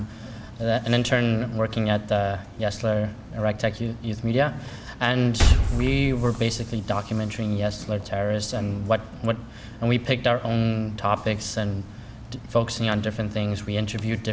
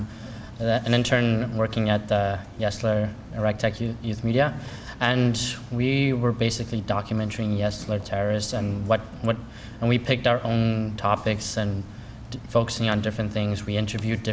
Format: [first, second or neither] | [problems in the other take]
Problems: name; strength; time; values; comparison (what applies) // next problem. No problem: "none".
second | background sound (Liquid); 1 dB below the speech